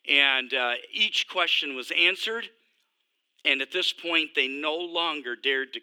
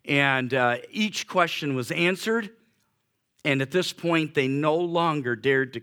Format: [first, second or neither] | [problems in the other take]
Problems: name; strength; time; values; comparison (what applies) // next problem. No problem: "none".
second | thin; somewhat; fading below 300 Hz